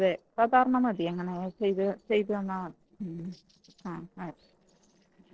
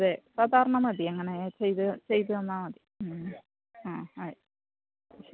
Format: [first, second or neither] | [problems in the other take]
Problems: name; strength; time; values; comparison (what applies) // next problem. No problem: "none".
second | noise reduction (neural separator model SepFormer DNS4)